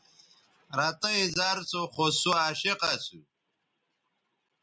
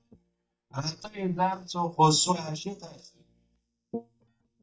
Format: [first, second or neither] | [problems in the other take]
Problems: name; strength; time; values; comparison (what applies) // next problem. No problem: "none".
first | noise reduction (neural mask model DeepFilterNet 3)